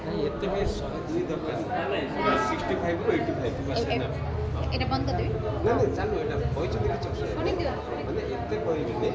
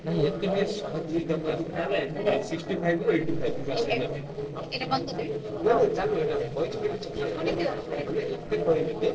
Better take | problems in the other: first | noise reduction (neural separator model SepFormer DNS4)

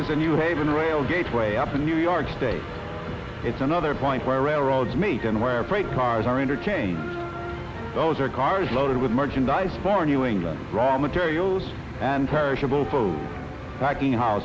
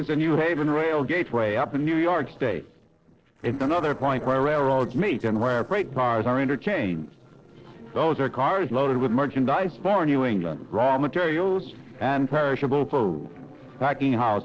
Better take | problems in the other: first | noise reduction (neural separator model SepFormer DNS4)

